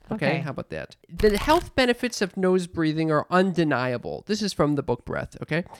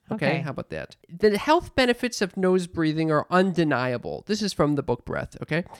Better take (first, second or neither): second